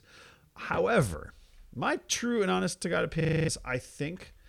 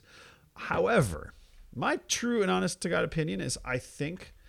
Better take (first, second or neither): second